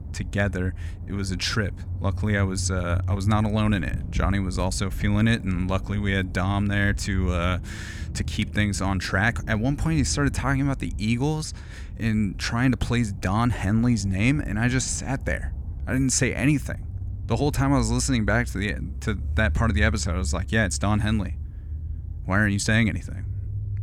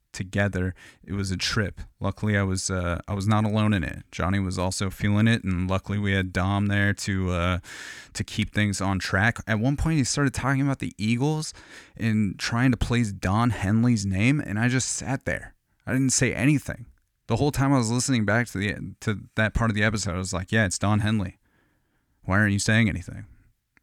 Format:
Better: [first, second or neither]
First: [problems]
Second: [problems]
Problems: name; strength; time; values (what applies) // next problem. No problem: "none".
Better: second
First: low rumble; faint; throughout; 20 dB below the speech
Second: none